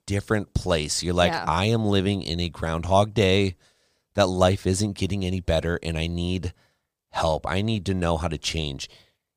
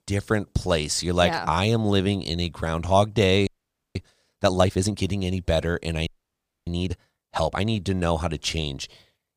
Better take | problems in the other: first | audio freezing; at 3.5 s and at 6 s for 0.5 s

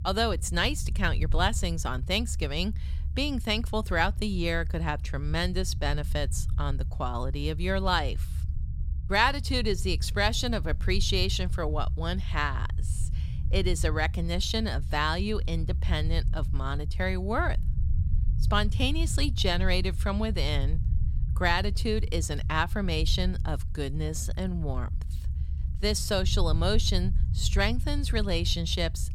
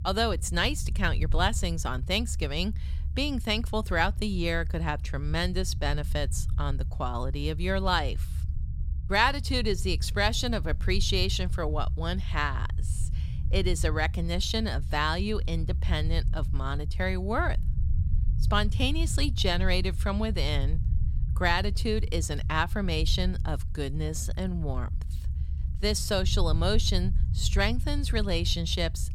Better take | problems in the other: neither | low rumble; noticeable; throughout; 20 dB below the speech; the same in both

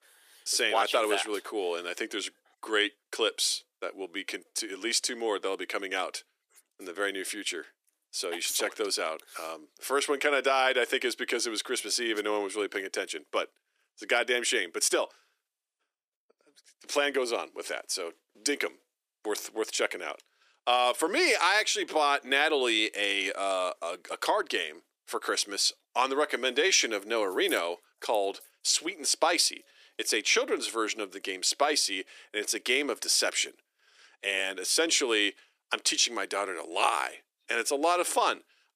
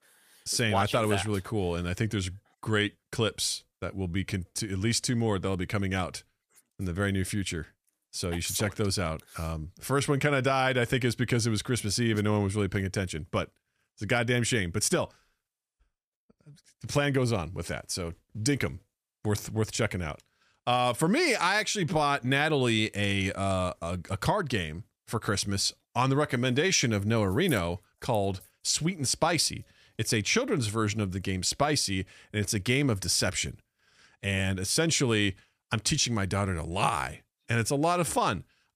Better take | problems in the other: second | thin; very; fading below 350 Hz

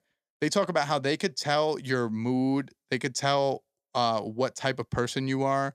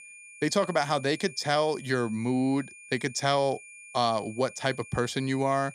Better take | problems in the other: first | high-pitched whine; noticeable; throughout; 2.5 kHz, 20 dB below the speech

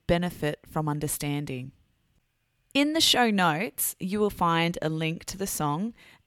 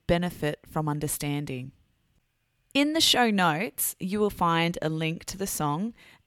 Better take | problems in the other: neither | none

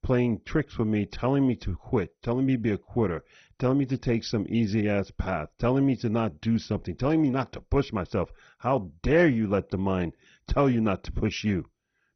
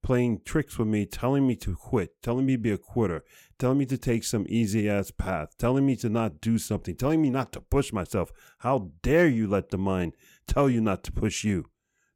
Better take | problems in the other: second | garbled, watery; badly; nothing above 6 kHz

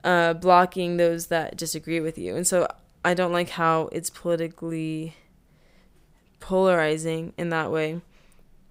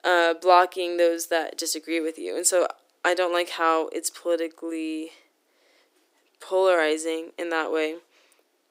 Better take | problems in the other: first | thin; very; fading below 300 Hz

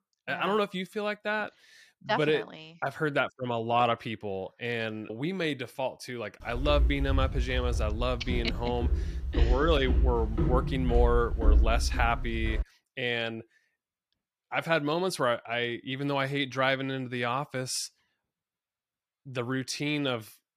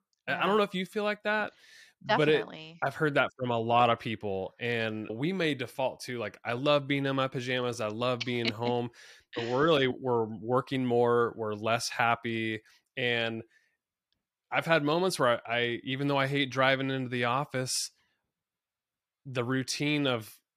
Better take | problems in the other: second | footsteps; loud; from 6.5 to 13 s; peak 5 dB above the speech

